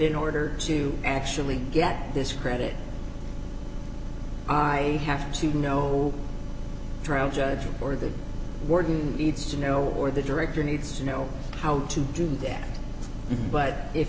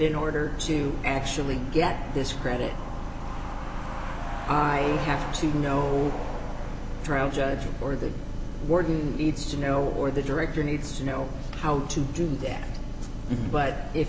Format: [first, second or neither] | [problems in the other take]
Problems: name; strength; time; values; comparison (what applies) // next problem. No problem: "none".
first | background sound (Truck); 15 dB below the speech